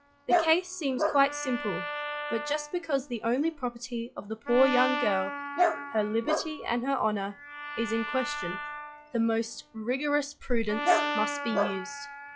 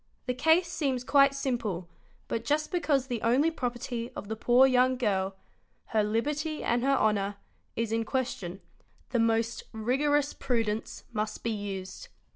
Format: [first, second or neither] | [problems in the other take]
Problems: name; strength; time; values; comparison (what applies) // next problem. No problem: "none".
second | noise reduction (classical method log-MMSE)